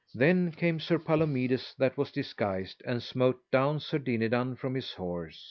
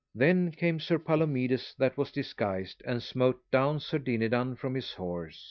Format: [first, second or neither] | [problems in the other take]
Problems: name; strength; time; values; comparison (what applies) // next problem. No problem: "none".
first | noise reduction (neural mask model DeepFilterNet 3)